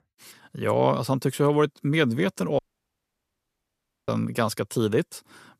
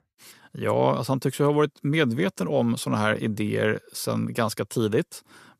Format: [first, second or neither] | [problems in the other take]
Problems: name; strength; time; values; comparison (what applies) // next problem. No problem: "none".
second | audio cutting out; at 2.5 s for 1.5 s